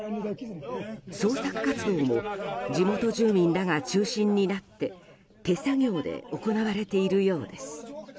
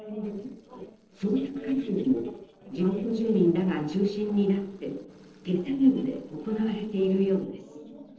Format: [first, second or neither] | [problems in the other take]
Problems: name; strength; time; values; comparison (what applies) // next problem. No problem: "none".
first | noise reduction (neural separator model SepFormer DNS4)